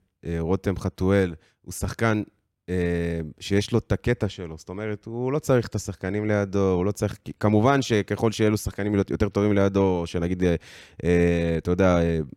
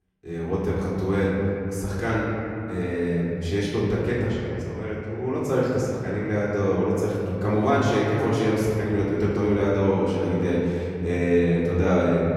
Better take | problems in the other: first | off-mic speech; far // room echo; strong; dies away in 2.7 s

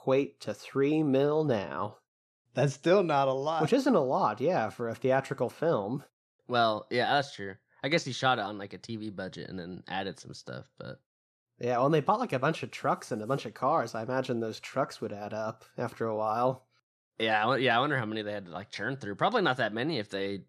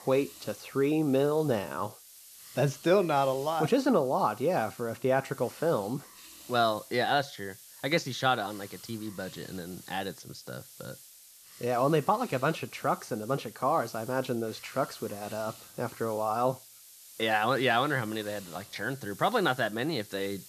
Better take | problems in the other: first | hiss; noticeable; throughout; 20 dB below the speech

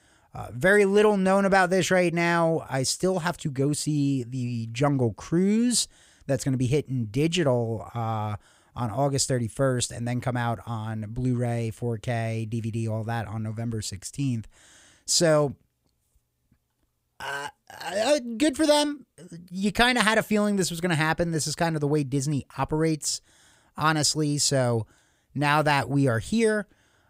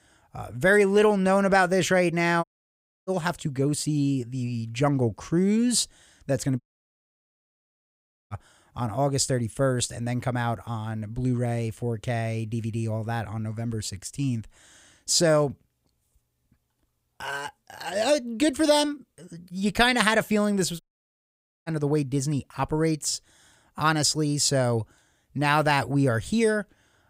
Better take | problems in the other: first | audio cutting out; at 2.5 s for 0.5 s, at 6.5 s for 1.5 s and at 21 s for 1 s

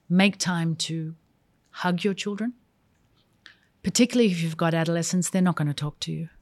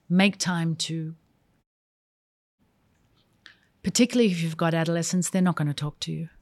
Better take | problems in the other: first | audio cutting out; at 1.5 s for 1 s

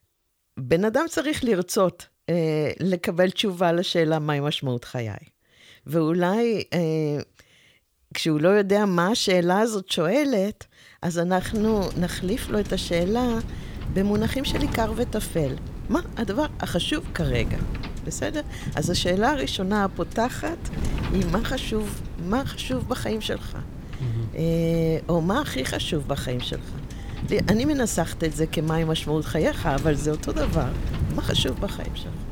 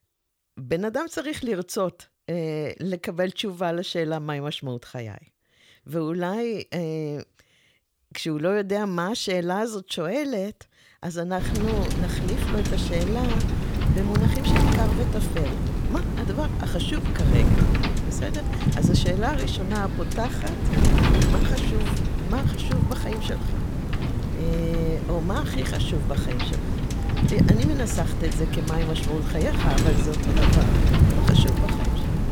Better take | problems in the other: first | wind noise on the microphone; heavy; from 11 s on; 1 dB below the speech; occasional gusts in the first

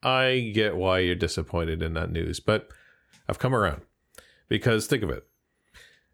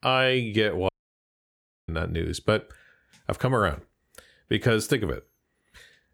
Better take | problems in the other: first | audio cutting out; at 1 s for 1 s

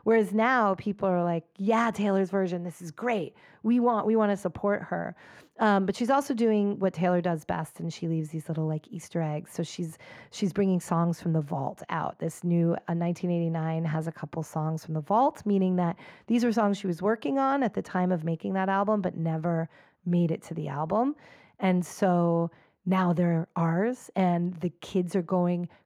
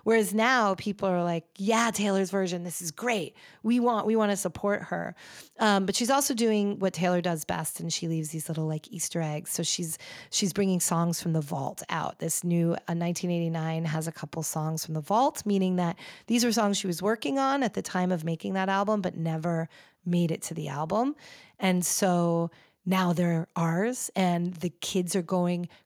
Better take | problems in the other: second | muffled; very; fading above 3 kHz

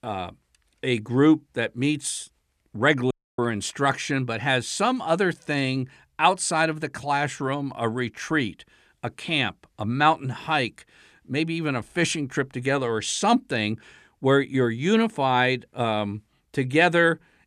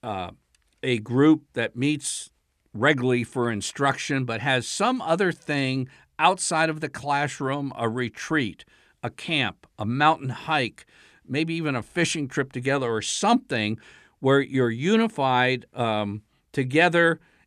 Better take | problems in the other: second | audio cutting out; at 3 s

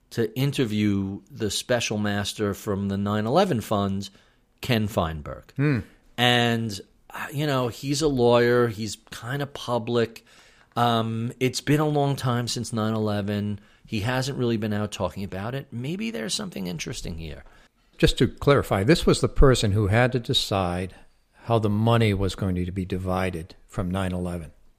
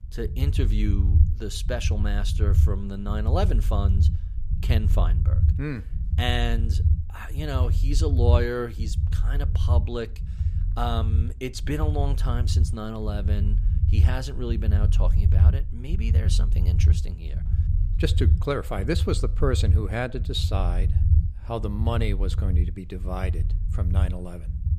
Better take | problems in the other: first | low rumble; loud; throughout; 9 dB below the speech

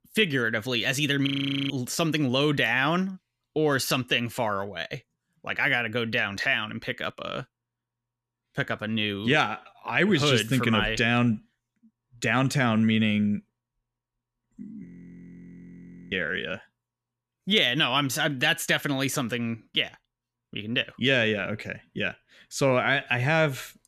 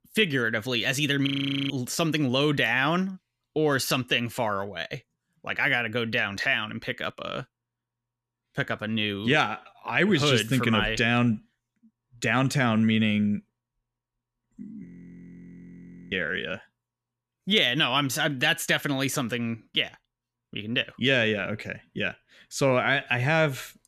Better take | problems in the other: neither | audio freezing; at 1.5 s and at 15 s for 1.5 s; the same in both

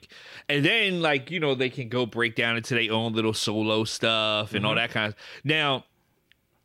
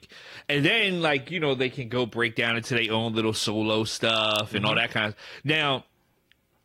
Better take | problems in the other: first | garbled, watery; slightly; nothing above 16.5 kHz

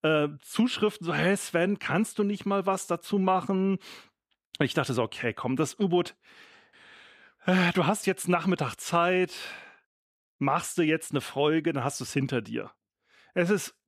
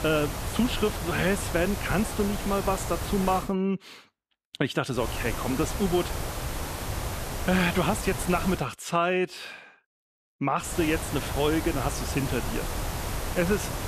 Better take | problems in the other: first | hiss; loud; until 3.5 s, from 5 to 8.5 s and from 11 s on; 5 dB below the speech

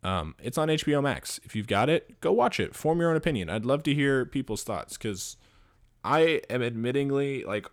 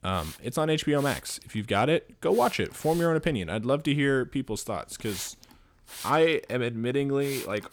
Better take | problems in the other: first | hiss; noticeable; throughout; 15 dB below the speech

